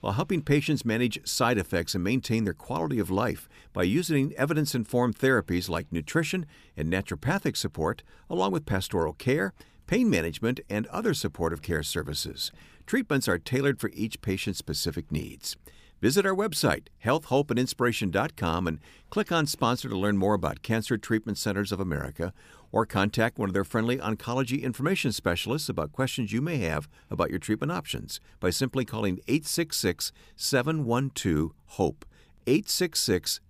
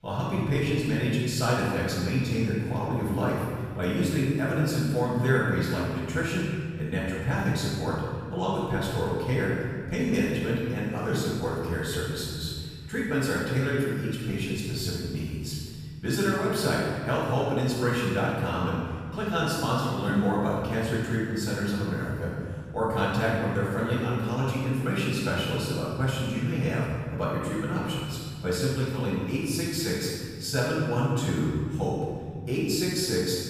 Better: first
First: none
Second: off-mic speech; far // room echo; strong; dies away in 2.2 s

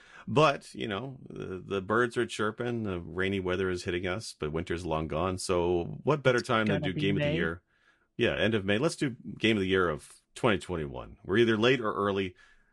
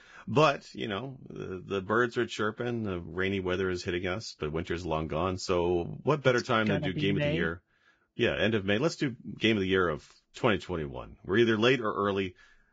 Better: first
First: garbled, watery; slightly; nothing above 10.5 kHz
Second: garbled, watery; badly; nothing above 7.5 kHz

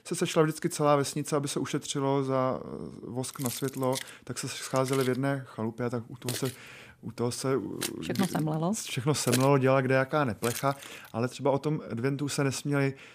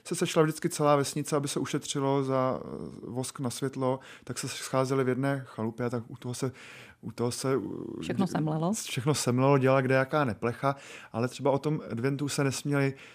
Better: second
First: jangling keys; noticeable; from 3.5 to 11 s; peak 3 dB below the speech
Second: none

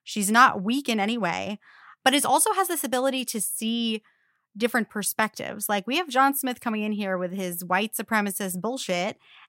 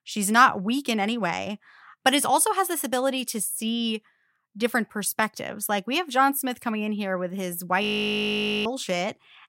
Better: first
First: none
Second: audio freezing; at 8 s for 1 s

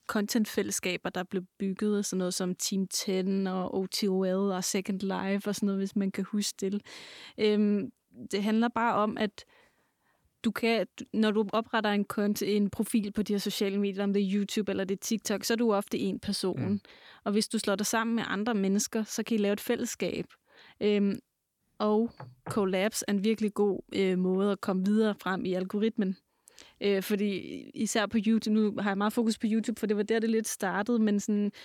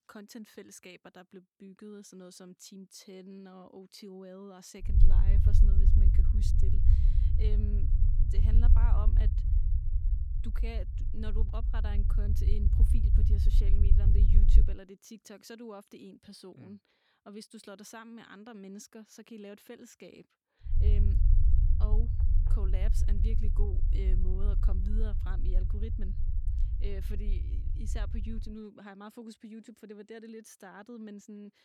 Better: first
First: none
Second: low rumble; loud; from 5 to 15 s and from 21 to 28 s; 1 dB below the speech

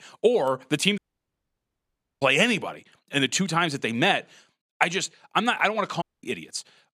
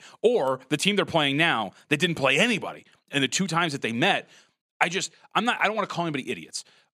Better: second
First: audio cutting out; at 1 s for 1 s and at 6 s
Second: none

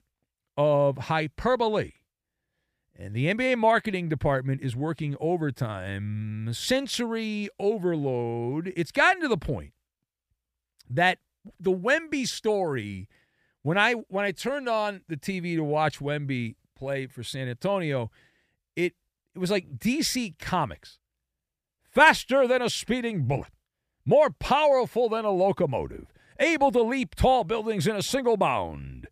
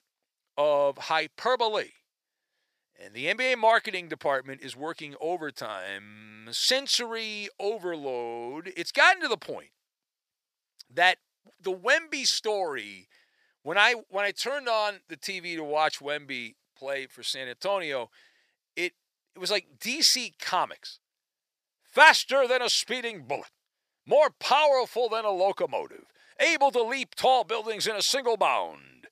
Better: first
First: none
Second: thin; very; fading below 550 Hz

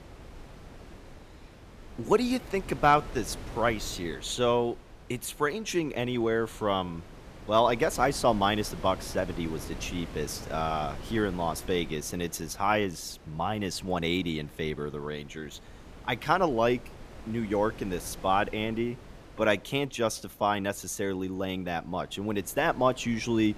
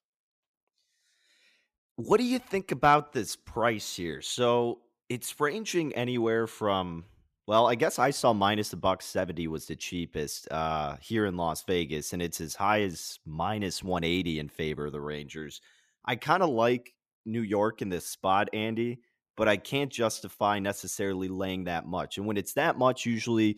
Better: second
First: wind noise on the microphone; occasional gusts; 20 dB below the speech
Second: none

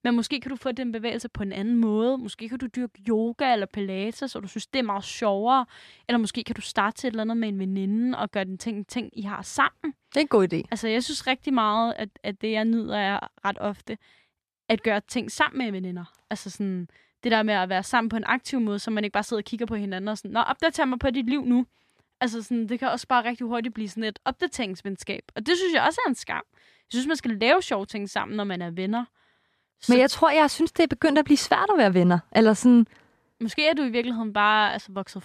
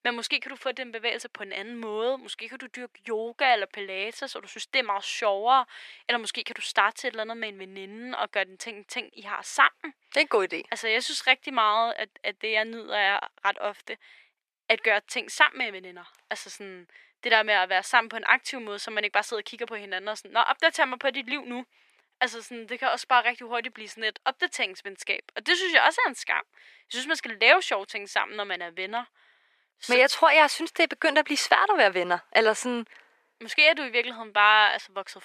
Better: first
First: none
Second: thin; very; fading below 450 Hz

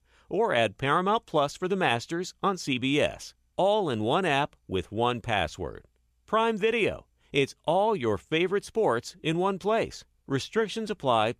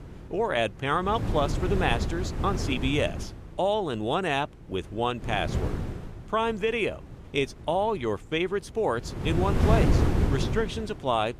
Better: first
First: none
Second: wind noise on the microphone; heavy; 8 dB below the speech

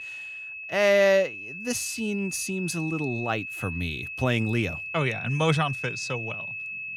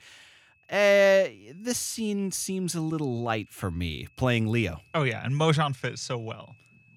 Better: second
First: high-pitched whine; loud; throughout; 2.5 kHz, 7 dB below the speech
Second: high-pitched whine; faint; throughout; 2.5 kHz, 35 dB below the speech

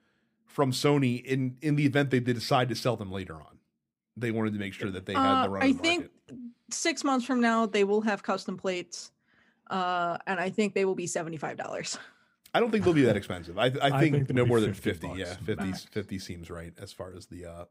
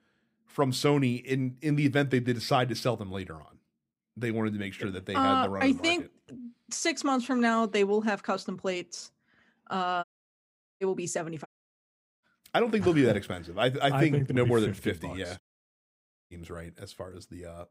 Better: first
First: none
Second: audio cutting out; at 10 s for 1 s, at 11 s for 1 s and at 15 s for 1 s

